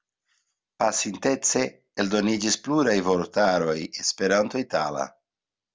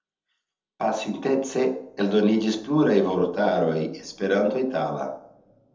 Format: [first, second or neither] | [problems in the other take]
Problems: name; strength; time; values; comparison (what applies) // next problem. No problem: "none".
first | room echo; dies away in 0.8 s